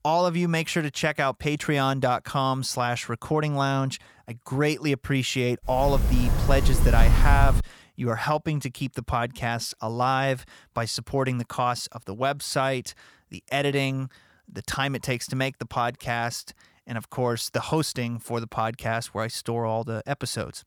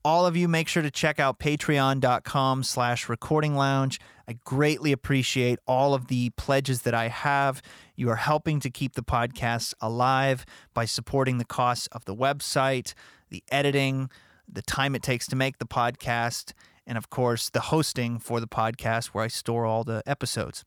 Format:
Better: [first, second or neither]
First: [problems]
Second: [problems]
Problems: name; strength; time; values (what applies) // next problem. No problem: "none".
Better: second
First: door banging; loud; from 6 to 7.5 s; peak 5 dB above the speech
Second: none